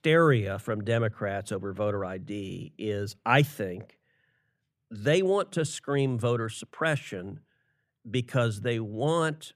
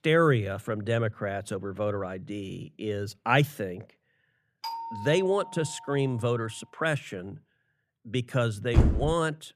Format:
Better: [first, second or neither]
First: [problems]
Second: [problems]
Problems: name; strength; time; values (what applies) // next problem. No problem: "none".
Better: first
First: none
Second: doorbell; noticeable; from 4.5 to 6 s; peak 7 dB below the speech // door banging; loud; at 8.5 s; peak 4 dB above the speech